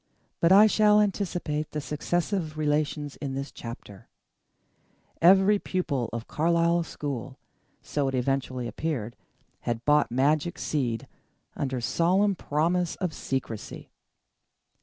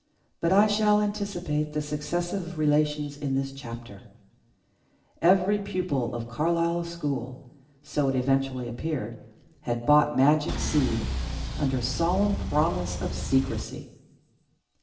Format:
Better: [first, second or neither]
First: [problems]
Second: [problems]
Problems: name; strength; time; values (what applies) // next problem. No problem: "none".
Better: first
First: none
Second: background sound (Engine); 4 dB below the speech // room echo; dies away in 0.9 s